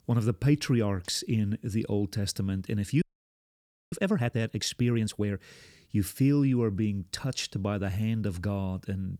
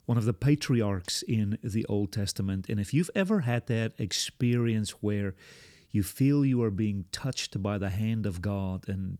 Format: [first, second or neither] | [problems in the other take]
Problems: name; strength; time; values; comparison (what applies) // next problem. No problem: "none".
second | audio freezing; at 3 s for 1 s